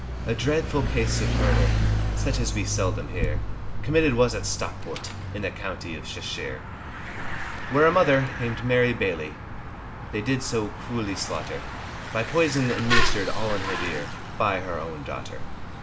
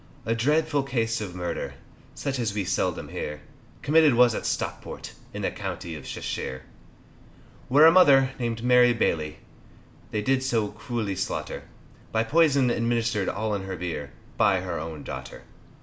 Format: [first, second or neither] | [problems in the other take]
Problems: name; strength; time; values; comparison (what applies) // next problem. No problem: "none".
second | background sound (Mechanisms / Bicycle); 1 dB below the speech